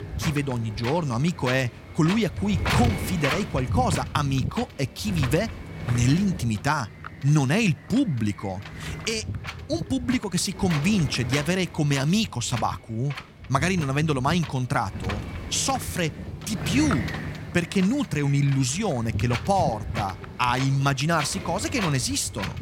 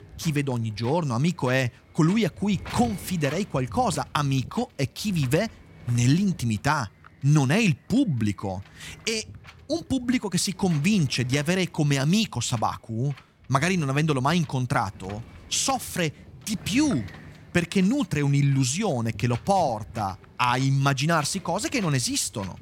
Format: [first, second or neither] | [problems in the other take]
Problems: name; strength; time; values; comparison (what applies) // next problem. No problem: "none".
second | wind noise on the microphone; heavy; 8 dB below the speech; occasional gusts in the second